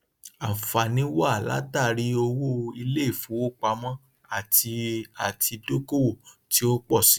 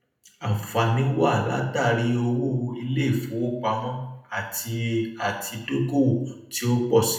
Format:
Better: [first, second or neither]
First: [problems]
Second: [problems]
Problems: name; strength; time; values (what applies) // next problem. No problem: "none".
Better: first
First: none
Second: room echo; dies away in 0.7 s